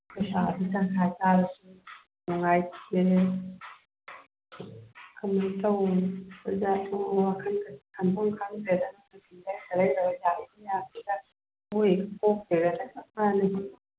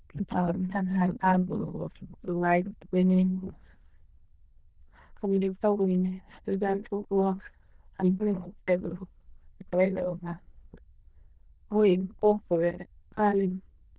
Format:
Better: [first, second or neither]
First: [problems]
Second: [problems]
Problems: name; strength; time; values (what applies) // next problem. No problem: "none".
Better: first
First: none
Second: noise reduction (neural diffusion model UNIVERSE++)